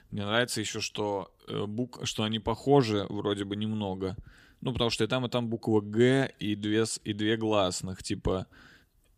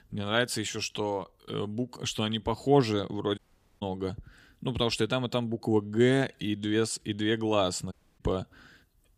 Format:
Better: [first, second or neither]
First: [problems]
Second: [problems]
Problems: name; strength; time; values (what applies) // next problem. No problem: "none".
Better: first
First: none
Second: audio cutting out; at 3.5 s and at 8 s